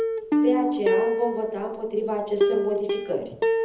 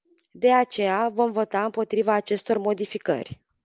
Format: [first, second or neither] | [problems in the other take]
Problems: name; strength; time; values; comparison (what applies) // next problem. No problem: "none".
second | background sound (Plucked string instrument); 3 dB above the speech // room echo; dies away in 0.7 s